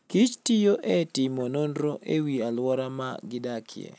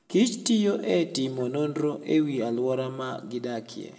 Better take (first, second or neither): first